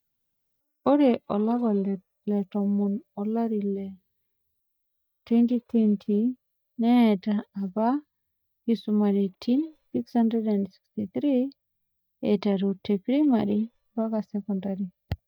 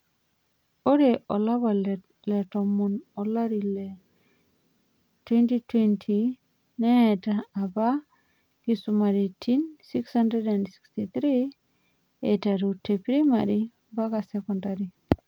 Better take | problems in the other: second | noise reduction (neural mask model DeepFilterNet 3)

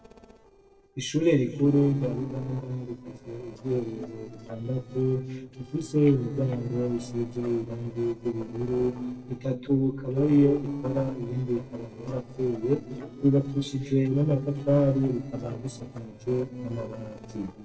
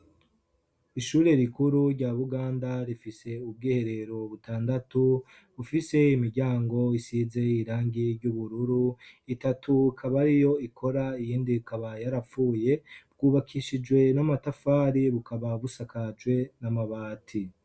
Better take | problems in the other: second | noise reduction (neural separator model SepFormer DNS4)

